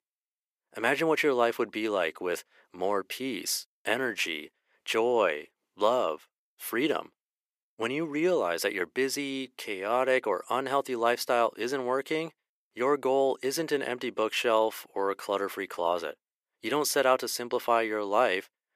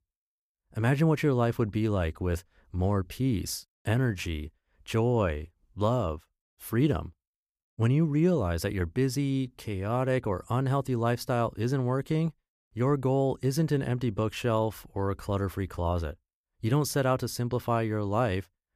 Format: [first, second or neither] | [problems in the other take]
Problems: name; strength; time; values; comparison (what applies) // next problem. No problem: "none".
second | thin; very; fading below 400 Hz